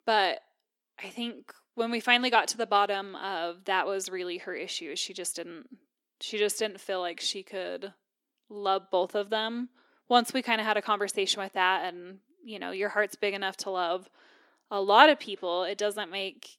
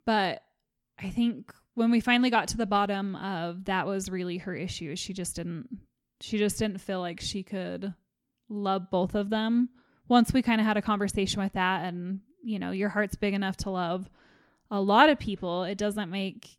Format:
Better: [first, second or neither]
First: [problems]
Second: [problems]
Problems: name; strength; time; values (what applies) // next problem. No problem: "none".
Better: second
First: thin; somewhat; fading below 350 Hz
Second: none